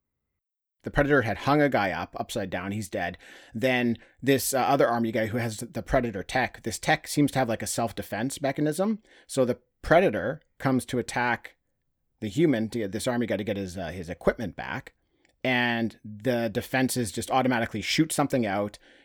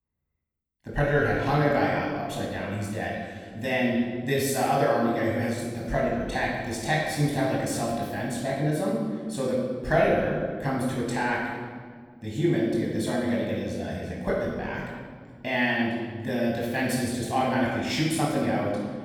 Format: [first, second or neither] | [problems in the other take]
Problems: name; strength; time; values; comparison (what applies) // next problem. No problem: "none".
first | off-mic speech; far // room echo; strong; dies away in 1.6 s